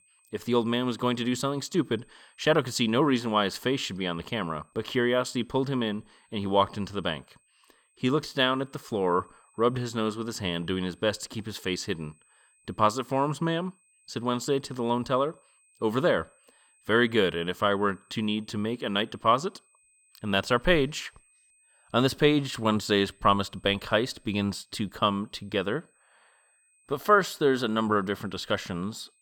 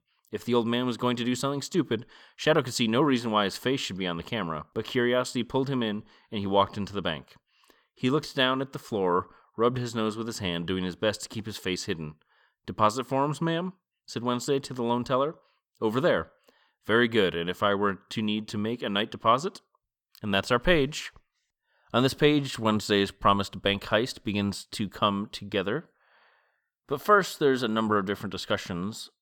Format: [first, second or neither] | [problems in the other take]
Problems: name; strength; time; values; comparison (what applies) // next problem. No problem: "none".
second | high-pitched whine; faint; throughout; 8 kHz, 35 dB below the speech